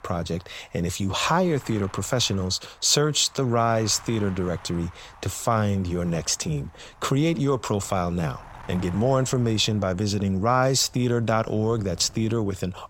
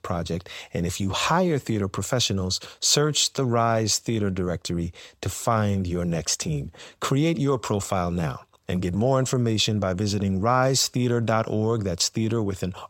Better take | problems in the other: second | wind noise on the microphone; occasional gusts; 20 dB below the speech

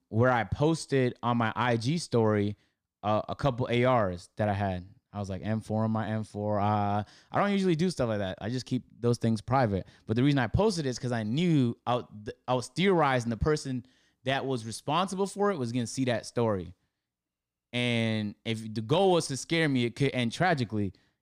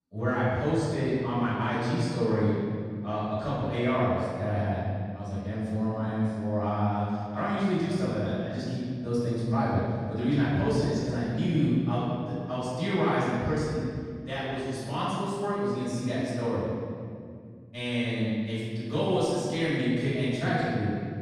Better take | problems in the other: first | off-mic speech; far // room echo; strong; dies away in 2.3 s

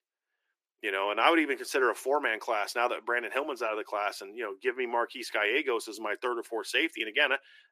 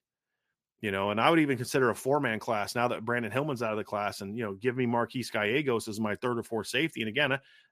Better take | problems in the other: second | thin; very; fading below 350 Hz

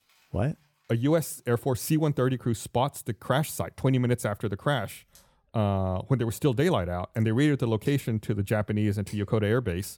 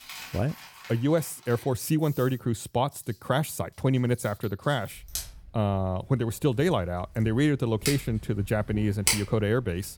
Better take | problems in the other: first | household noises; loud; throughout; 6 dB below the speech; faint in the first

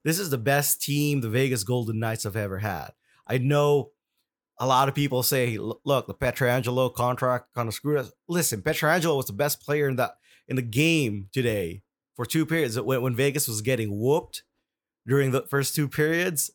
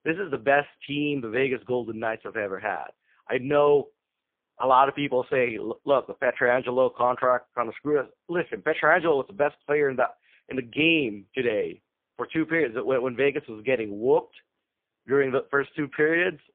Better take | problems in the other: first | phone-call audio; poor line

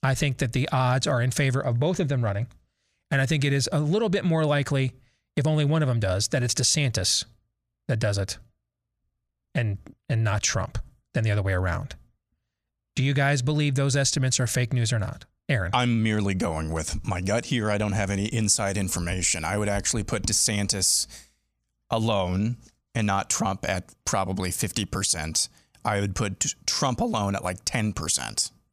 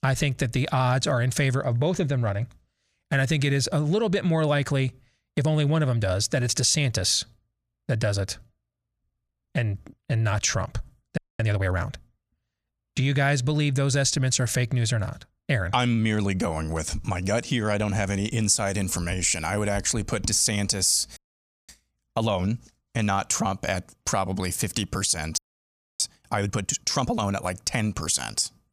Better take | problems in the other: first | audio freezing; at 11 s, at 21 s for 0.5 s and at 25 s for 0.5 s

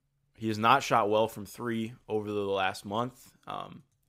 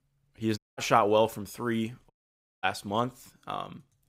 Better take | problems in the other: first | audio cutting out; at 0.5 s and at 2 s for 0.5 s

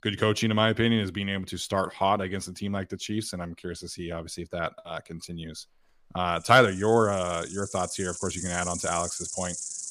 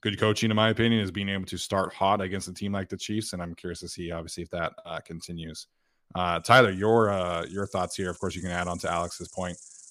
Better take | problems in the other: second | animal sounds; loud; throughout; 8 dB below the speech; faint in the second

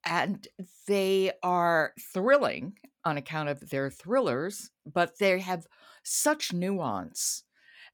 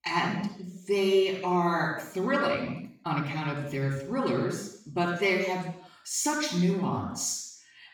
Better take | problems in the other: first | room echo; noticeable; dies away in 0.7 s // off-mic speech; far

